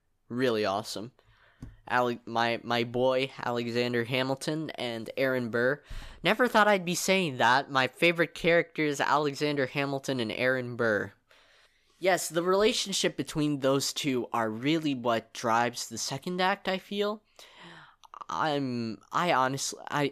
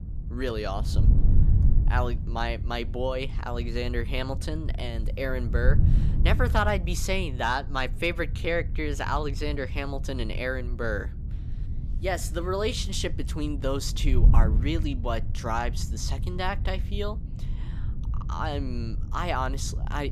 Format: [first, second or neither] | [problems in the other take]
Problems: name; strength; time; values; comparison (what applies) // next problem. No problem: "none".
first | wind noise on the microphone; occasional gusts; 15 dB below the speech